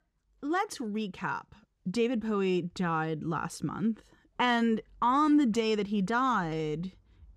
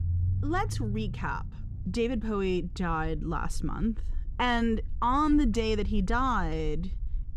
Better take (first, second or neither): first